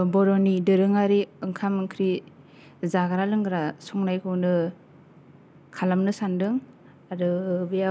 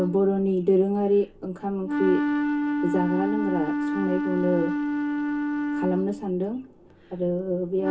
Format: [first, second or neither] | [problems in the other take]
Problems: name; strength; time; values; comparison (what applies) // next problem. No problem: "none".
first | background sound (Wind instrument, woodwind instrument); 2 dB below the speech // room echo; dies away in 0.2 s